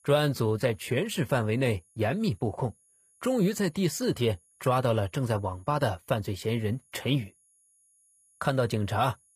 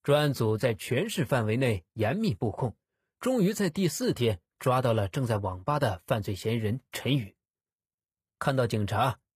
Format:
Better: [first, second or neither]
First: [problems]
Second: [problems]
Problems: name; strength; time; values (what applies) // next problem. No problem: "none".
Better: second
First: high-pitched whine; faint; throughout; 10 kHz, 35 dB below the speech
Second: none